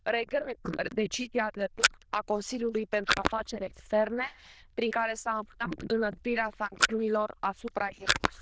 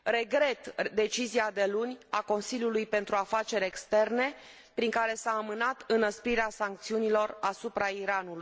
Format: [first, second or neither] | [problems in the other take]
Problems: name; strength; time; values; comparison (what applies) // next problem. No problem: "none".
second | noise reduction (neural diffusion model UNIVERSE++)